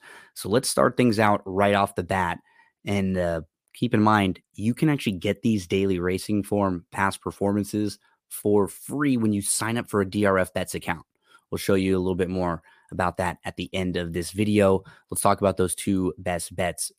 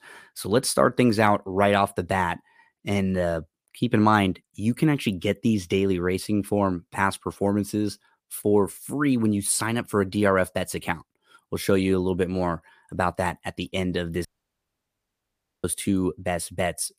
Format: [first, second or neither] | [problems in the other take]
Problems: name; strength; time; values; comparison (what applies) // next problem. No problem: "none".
first | audio cutting out; at 14 s for 1.5 s